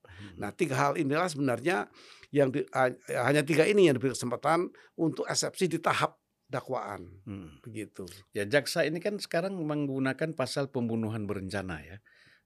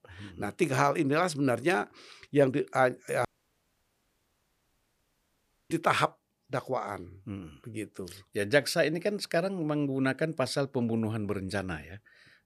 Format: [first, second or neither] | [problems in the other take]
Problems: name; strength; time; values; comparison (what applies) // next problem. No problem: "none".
first | audio cutting out; at 3.5 s for 2.5 s